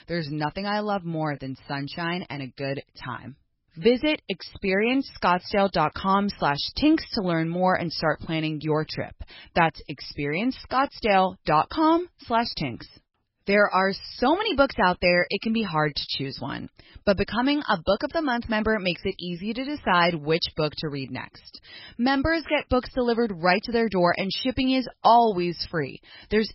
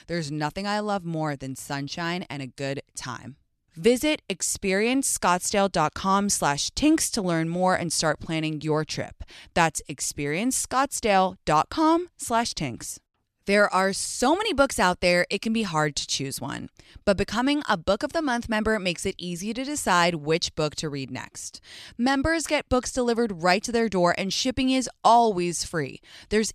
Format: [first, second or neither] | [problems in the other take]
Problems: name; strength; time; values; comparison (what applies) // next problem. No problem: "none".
second | garbled, watery; badly; nothing above 5.5 kHz